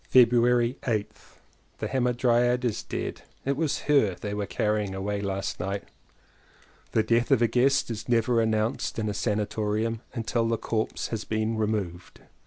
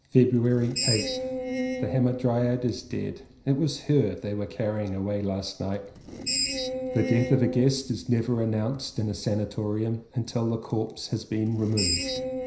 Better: first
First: none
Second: background sound (Screech); 7 dB below the speech // room echo; dies away in 0.5 s

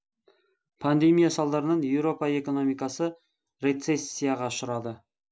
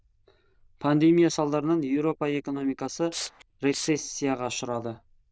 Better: first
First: none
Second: noise reduction (neural diffusion model UNIVERSE++)

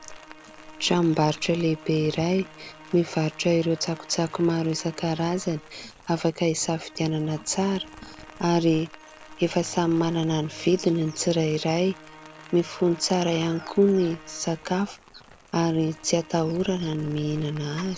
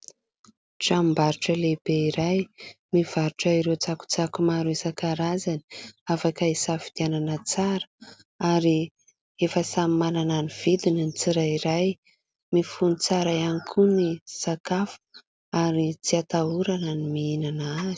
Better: second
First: background sound (Rain + Musical instrument); 20 dB below the speech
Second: none

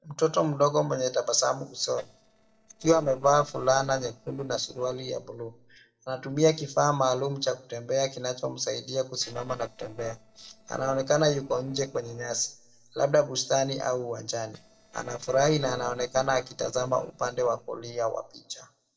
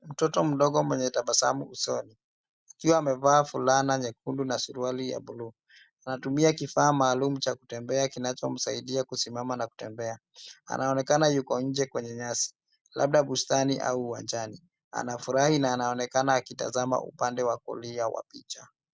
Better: second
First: noise reduction (neural separator model SepFormer DNS4)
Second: none

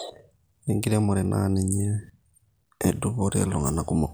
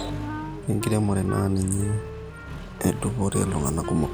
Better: first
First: none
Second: background sound (Wind instrument, woodwind instrument + Accelerating, revving, vroom); 8 dB below the speech

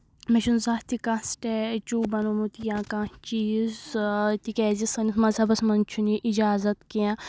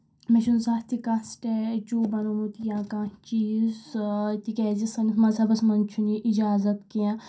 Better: first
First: none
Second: room echo; dies away in 0.3 s

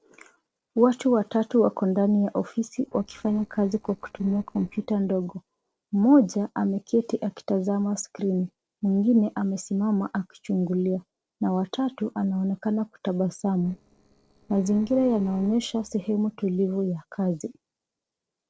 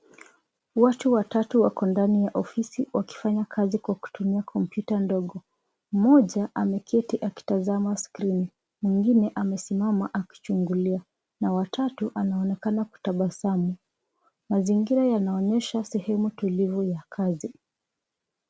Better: second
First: noise reduction (neural separator model SepFormer DNS4)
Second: none

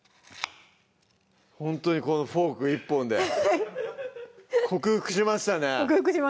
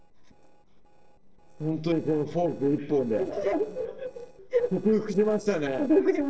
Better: first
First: none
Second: noise reduction (neural separator model SepFormer DNS4)

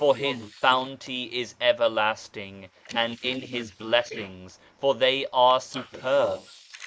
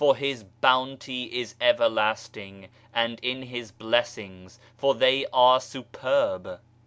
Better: second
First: noise reduction (neural mask model Resemble Enhance denoiser)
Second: none

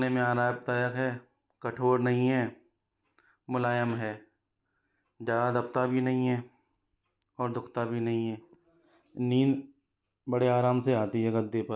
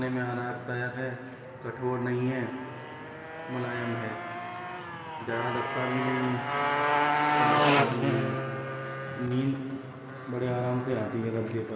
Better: first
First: none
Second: background sound (Motorcycle); 1 dB above the speech // room echo; dies away in 2.5 s

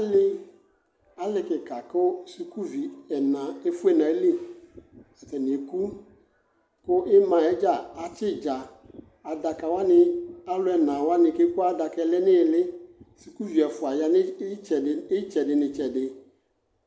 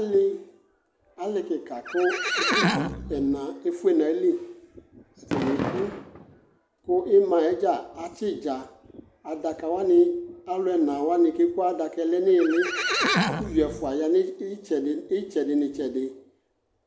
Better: first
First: none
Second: background sound (Fireworks + Livestock, farm animals, working animals); 3 dB below the speech

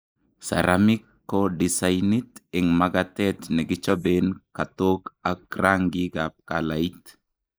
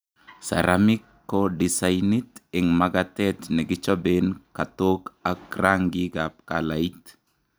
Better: second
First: noise reduction (neural mask model Resemble Enhance denoiser)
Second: none

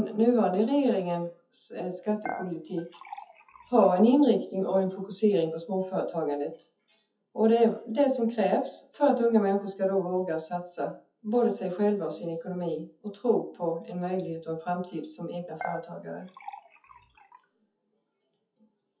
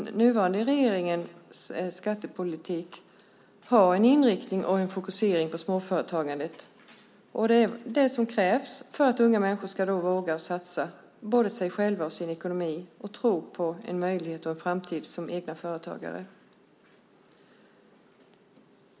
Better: second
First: noise reduction (classical method WPE with log-MMSE)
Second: none

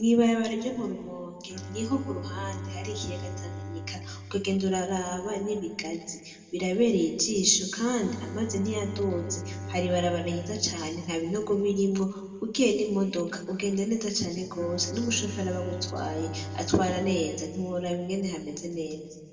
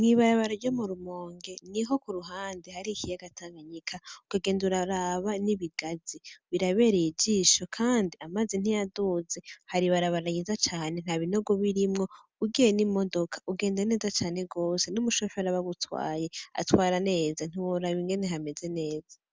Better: second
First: background sound (Bowed string instrument); 12 dB below the speech // room echo; dies away in 1.7 s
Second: none

